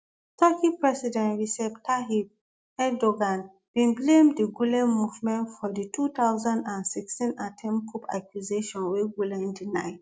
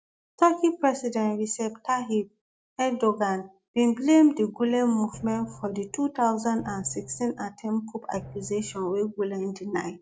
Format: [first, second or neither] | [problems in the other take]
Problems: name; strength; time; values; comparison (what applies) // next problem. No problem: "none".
first | background sound (Drum); 19 dB below the speech